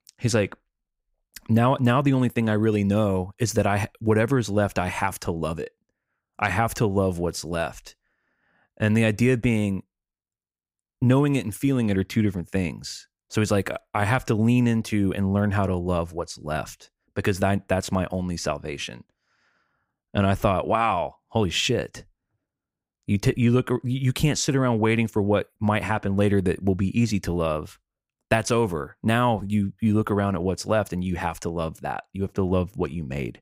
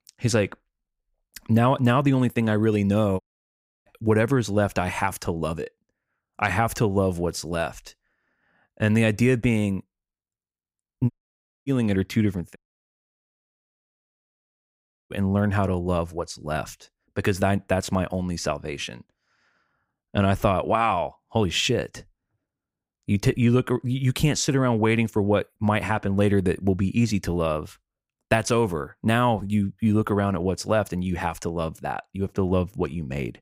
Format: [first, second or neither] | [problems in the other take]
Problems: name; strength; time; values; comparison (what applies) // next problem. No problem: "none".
first | audio cutting out; at 3 s for 0.5 s, at 11 s for 0.5 s and at 13 s for 2.5 s